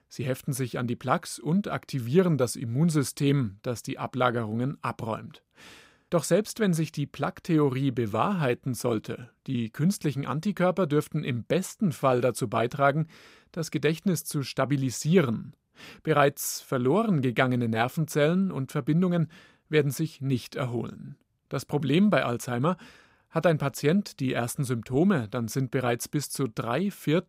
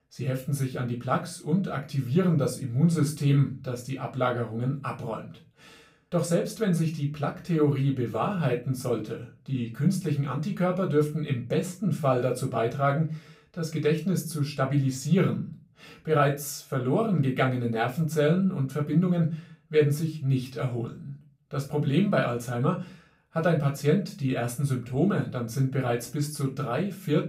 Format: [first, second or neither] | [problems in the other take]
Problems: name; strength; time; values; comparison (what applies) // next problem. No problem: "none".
first | off-mic speech; far // room echo; very slight; dies away in 0.3 s